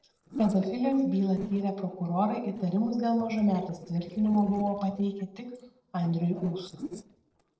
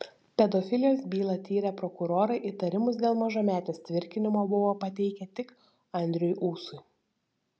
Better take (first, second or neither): second